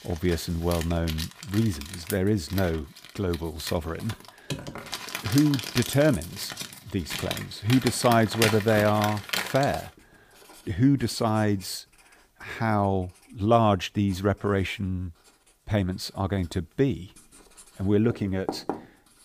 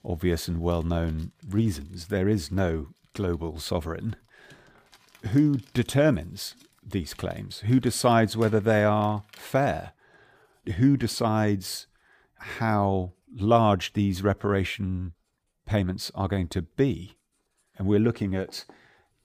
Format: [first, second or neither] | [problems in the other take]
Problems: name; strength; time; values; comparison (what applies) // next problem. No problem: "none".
second | household noises; loud; throughout; 8 dB below the speech; faint in the second